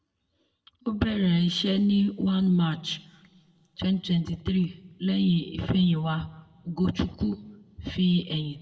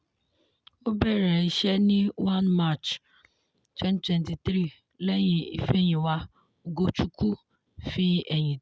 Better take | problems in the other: second | room echo; dies away in 0.9 s

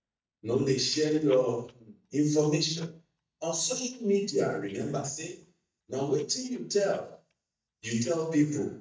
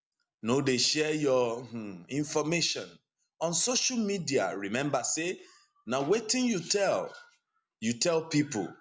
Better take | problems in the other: second | noise reduction (neural mask model DeepFilterNet 3)

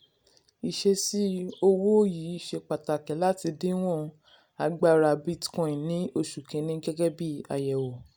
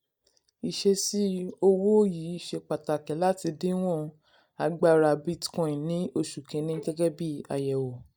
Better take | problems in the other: first | noise reduction (neural mask model DeepFilterNet 3)

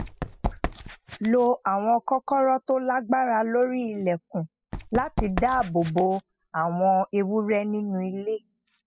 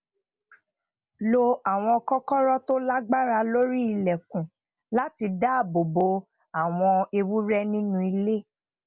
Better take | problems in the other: second | noise reduction (classical method spectral subtraction)

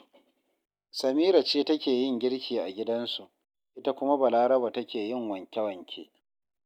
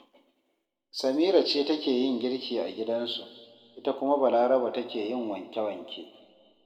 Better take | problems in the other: first | room echo; dies away in 1.5 s

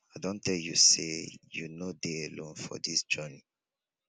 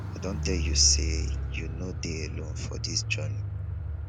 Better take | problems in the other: first | background sound (Car); 1 dB above the speech

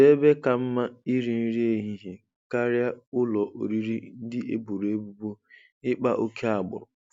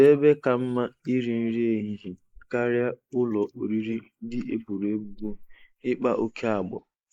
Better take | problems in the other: first | noise reduction (neural mask model Resemble Enhance denoiser)

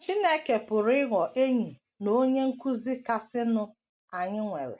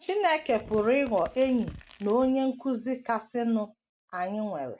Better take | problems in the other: first | background sound (Tearing); 20 dB below the speech

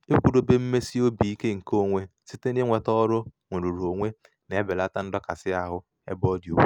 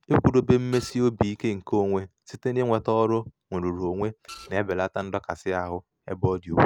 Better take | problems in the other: first | background sound (Printer); 19 dB below the speech

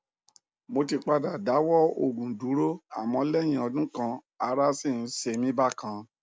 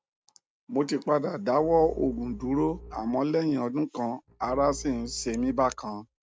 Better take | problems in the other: first | noise reduction (neural mask model RNNoise)

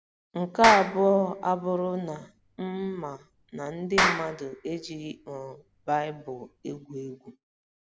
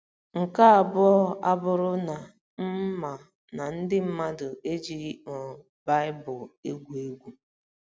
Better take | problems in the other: second | background sound (Clapping); 4 dB below the speech

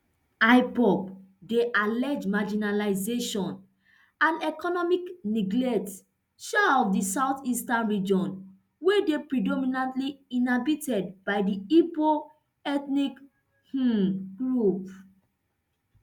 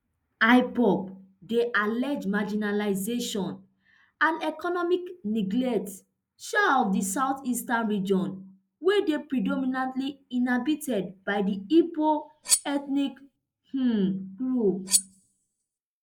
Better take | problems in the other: first | noise reduction (neural mask model Resemble Enhance denoiser)

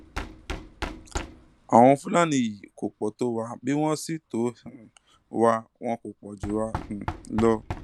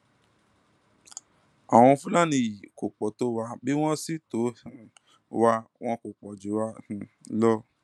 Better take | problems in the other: second | background sound (Knock); 13 dB below the speech

